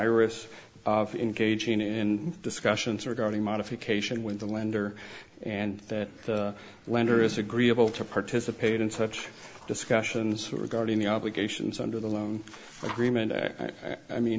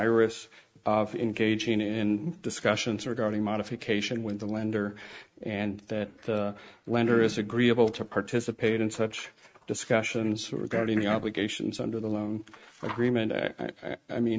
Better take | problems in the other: first | noise reduction (neural mask model RNNoise)

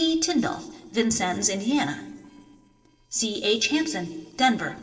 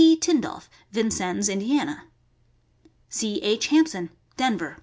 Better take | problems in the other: second | noise reduction (neural separator model SepFormer DNS4)

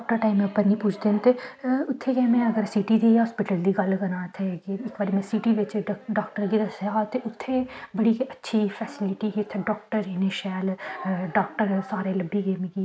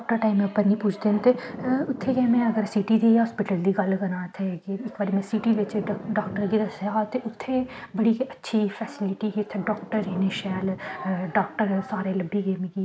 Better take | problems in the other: first | background sound (Thunder / Rain); 17 dB below the speech

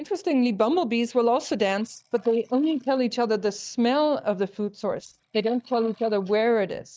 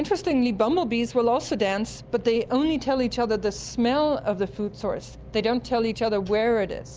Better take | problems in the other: second | noise reduction (neural mask model DeepFilterNet 3)

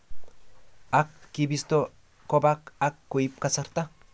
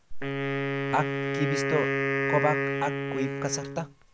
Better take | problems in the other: first | background sound (Wind instrument, woodwind instrument); 2 dB above the speech

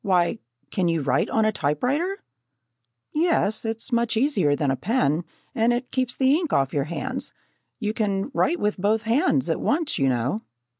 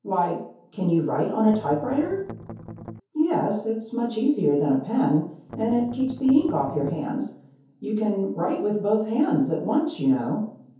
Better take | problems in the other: first | background sound (Strum); 14 dB below the speech // room echo; dies away in 0.6 s

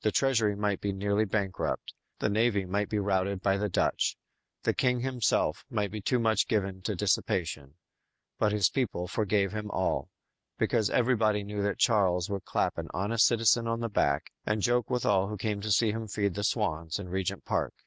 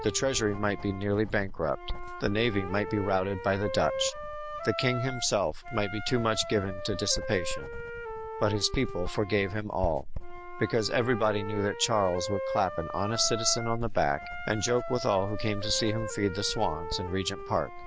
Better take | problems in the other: first | background sound (Writing + Wind instrument, woodwind instrument); 6 dB below the speech

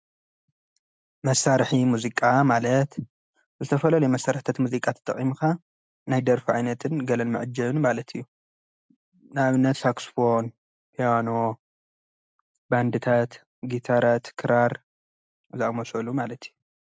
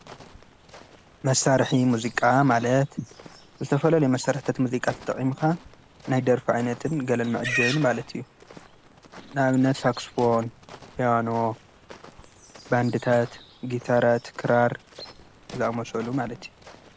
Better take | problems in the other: first | background sound (Livestock, farm animals, working animals + Walk, footsteps); 15 dB below the speech

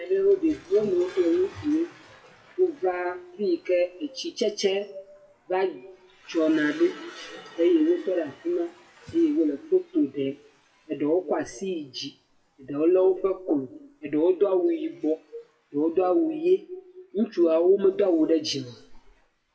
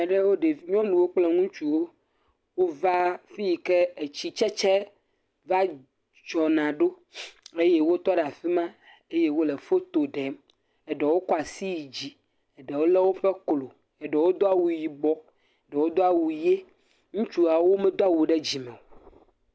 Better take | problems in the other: second | noise reduction (classical method WPE with log-MMSE)

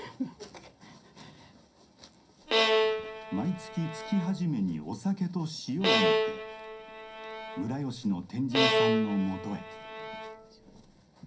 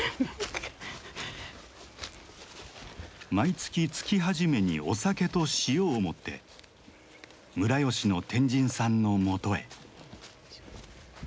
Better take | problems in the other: second | background sound (Bowed string instrument); 3 dB above the speech // room echo; dies away in 0.3 s

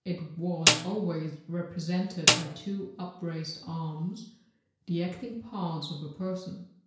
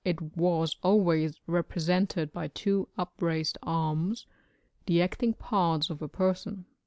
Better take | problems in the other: second | background sound (Snare drum); 4 dB above the speech // room echo; dies away in 0.5 s

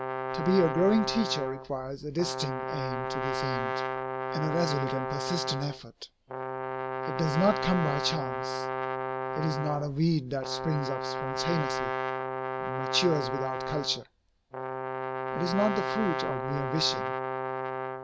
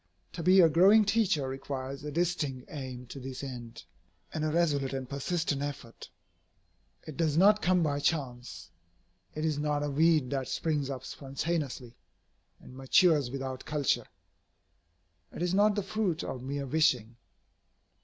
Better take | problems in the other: second | background sound (Brass instrument); 2 dB below the speech

